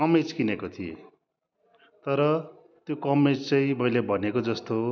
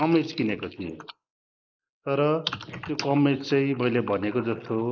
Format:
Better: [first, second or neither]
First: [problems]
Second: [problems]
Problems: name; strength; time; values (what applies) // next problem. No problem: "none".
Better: first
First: none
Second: noise reduction (neural mask model Resemble Enhance denoiser)